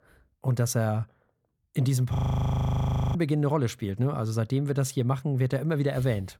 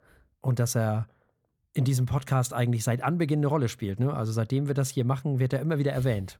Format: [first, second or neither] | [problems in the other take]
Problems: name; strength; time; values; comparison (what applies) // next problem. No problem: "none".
second | audio freezing; at 2 s for 1 s